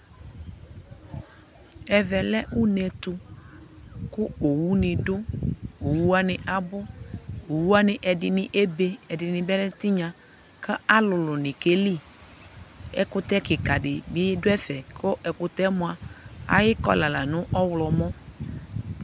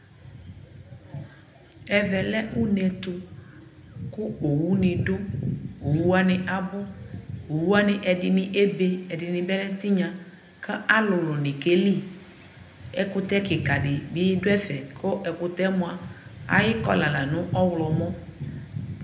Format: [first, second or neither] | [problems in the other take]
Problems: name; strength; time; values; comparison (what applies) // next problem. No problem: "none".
first | room echo; dies away in 0.7 s